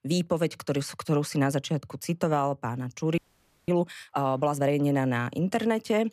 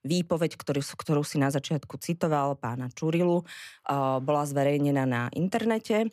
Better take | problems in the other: second | audio freezing; at 3 s for 0.5 s

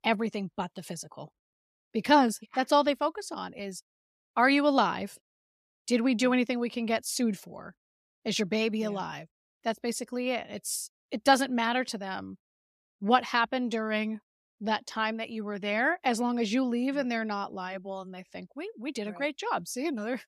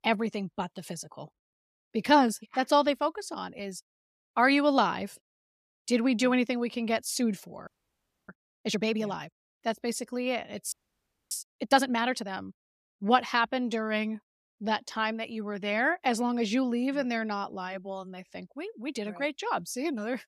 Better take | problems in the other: first | audio freezing; at 7.5 s for 0.5 s and at 11 s for 0.5 s

